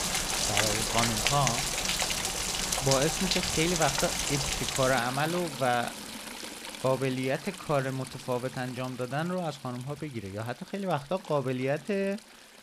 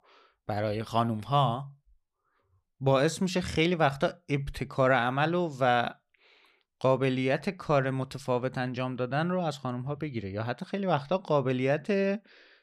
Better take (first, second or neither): second